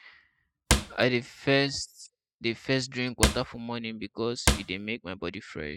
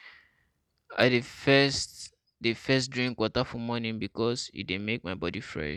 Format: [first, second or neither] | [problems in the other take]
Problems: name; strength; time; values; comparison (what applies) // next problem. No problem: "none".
second | noise reduction (classical method spectral subtraction)